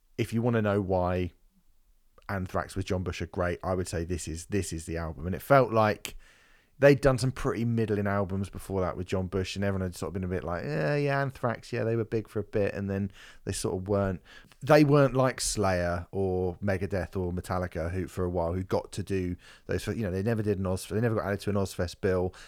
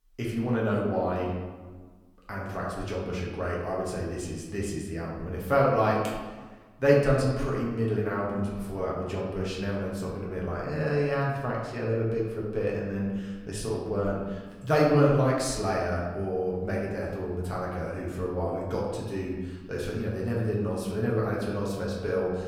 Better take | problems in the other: first | room echo; noticeable; dies away in 1.1 s // off-mic speech; far

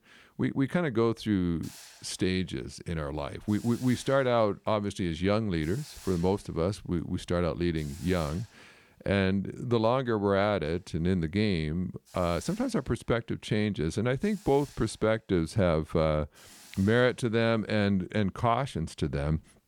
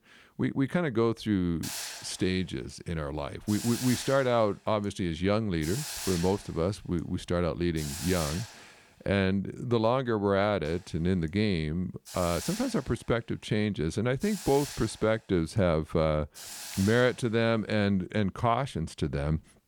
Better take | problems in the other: first | hiss; loud; from 1.5 to 9 s and from 11 to 18 s; 9 dB below the speech; faint in the first

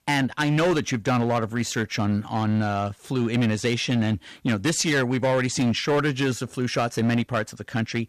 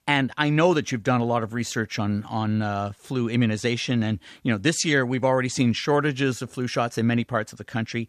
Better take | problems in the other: second | distortion; slight; 11% of the sound clipped

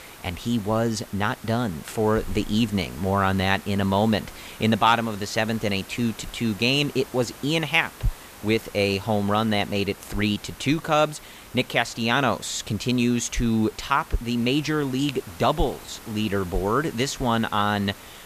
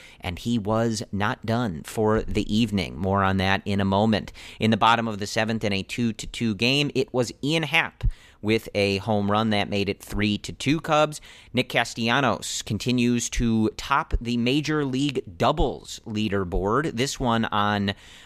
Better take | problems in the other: second | hiss; noticeable; throughout; 20 dB below the speech

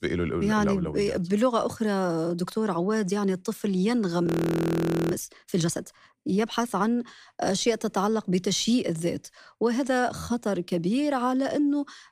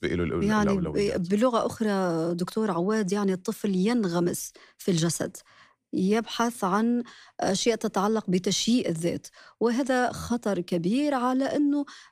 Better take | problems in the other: second | audio freezing; at 4.5 s for 1 s

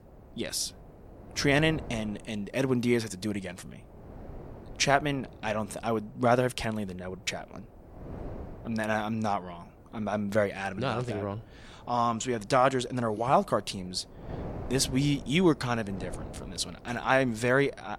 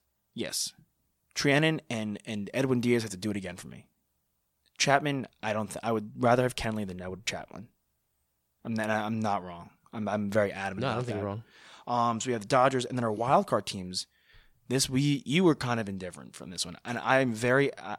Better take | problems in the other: second | wind noise on the microphone; occasional gusts; 20 dB below the speech

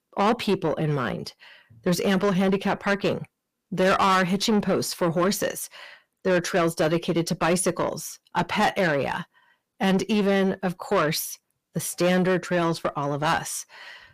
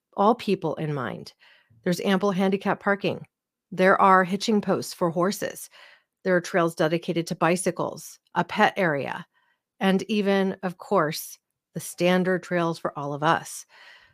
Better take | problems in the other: second | distortion; heavy; 7 dB below the speech

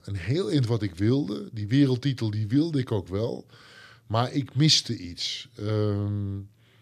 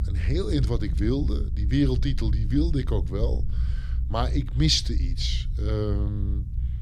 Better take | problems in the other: first | low rumble; noticeable; throughout; 15 dB below the speech

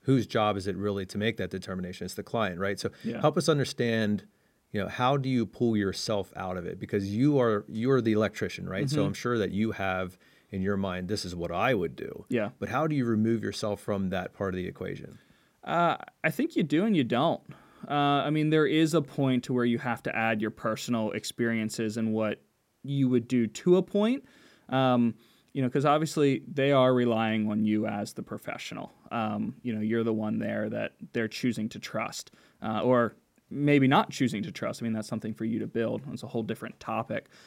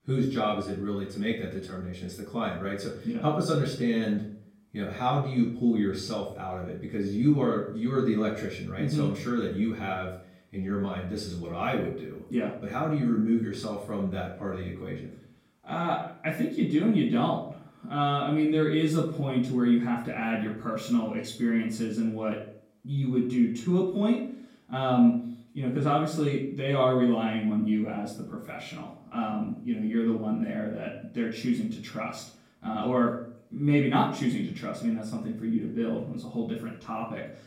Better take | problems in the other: first | off-mic speech; far // room echo; noticeable; dies away in 0.5 s

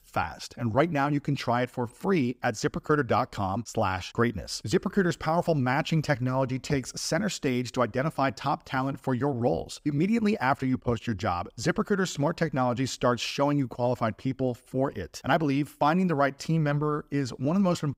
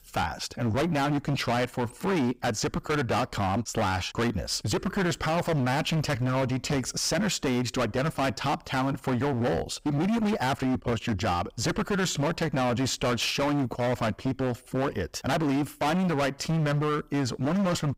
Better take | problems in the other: first | distortion; heavy; 26% of the sound clipped

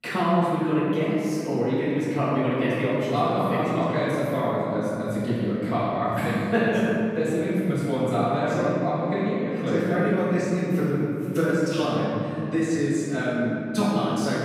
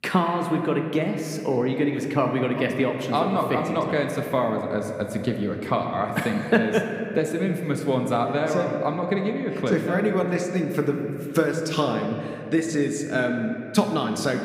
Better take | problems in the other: second | room echo; strong; dies away in 3 s; slight in the second // off-mic speech; far

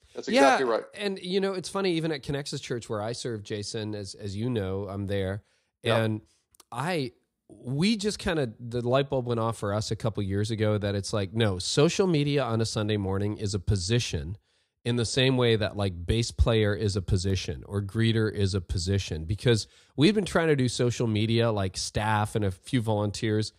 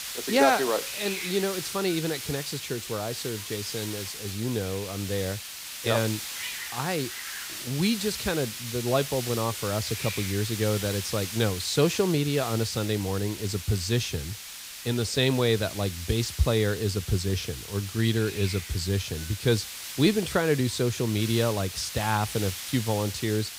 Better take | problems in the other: first | hiss; loud; throughout; 7 dB below the speech

